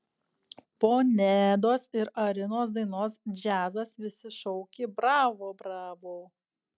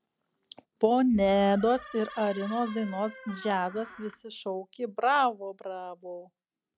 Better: first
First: none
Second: background sound (Door); 16 dB below the speech

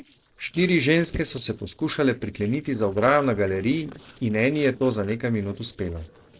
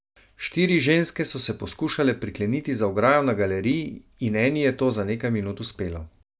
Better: second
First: noise reduction (neural separator model SepFormer DNS4)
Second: none

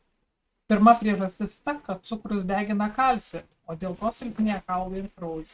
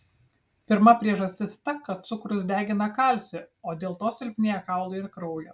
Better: second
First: noise reduction (neural mask model RNNoise)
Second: none

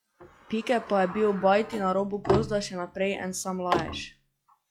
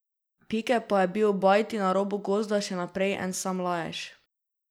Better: second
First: noise reduction (classical method log-MMSE)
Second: none

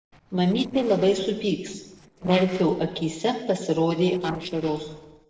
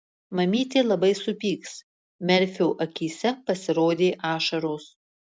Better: second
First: noise reduction (neural separator model SepFormer DNS4)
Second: none

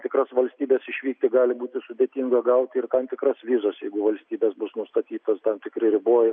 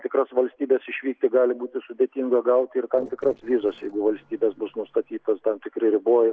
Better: first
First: none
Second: noise reduction (neural separator model SepFormer DNS4)

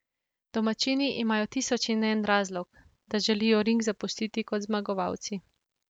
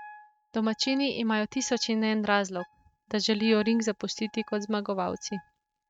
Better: first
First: none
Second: noise reduction (neural mask model RNNoise)

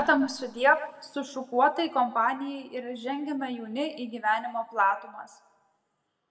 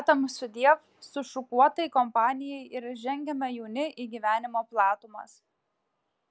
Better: second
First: room echo; dies away in 0.8 s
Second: none

